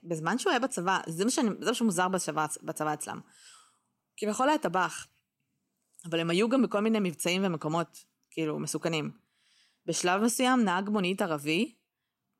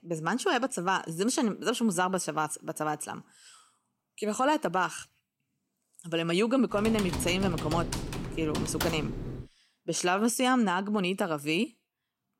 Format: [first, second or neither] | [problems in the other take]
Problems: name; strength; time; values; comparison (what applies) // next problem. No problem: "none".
first | keyboard typing; noticeable; from 6.5 to 9.5 s; peak 4 dB below the speech